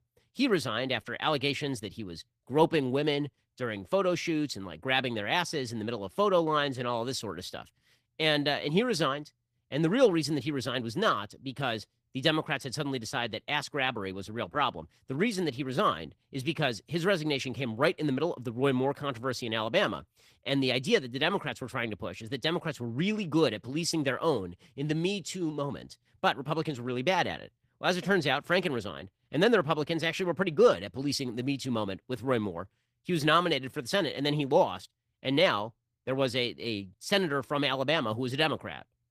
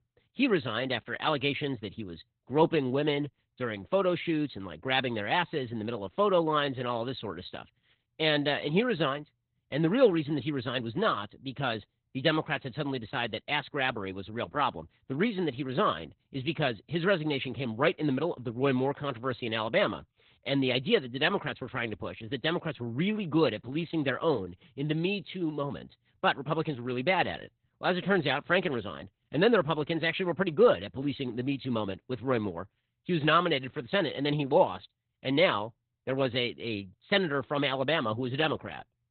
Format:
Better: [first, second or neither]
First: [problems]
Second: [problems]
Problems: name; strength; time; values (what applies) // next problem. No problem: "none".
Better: first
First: garbled, watery; slightly; nothing above 14.5 kHz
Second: garbled, watery; badly; nothing above 4 kHz